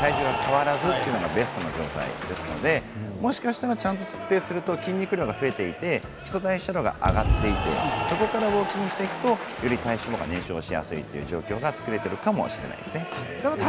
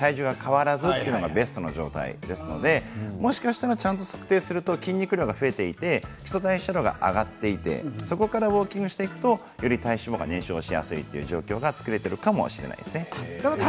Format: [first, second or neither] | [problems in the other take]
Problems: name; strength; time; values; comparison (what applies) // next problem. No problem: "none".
second | background sound (Applause / Cheering); 5 dB below the speech